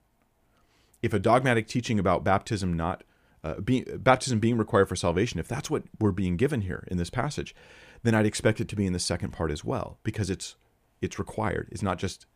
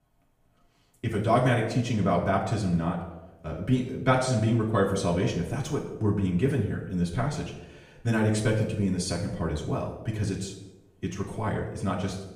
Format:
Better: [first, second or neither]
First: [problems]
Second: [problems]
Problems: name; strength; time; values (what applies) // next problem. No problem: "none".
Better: first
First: none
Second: off-mic speech; far // room echo; slight; dies away in 0.8 s